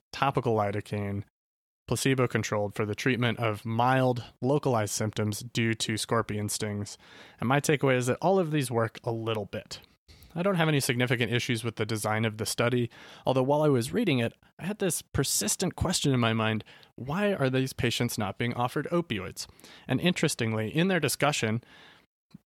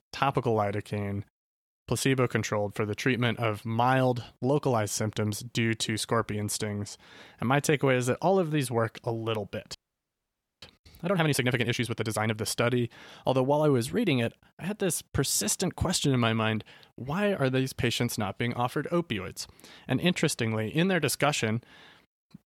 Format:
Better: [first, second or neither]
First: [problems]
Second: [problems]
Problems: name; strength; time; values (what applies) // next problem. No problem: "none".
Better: first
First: none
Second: audio freezing; at 10 s for 1 s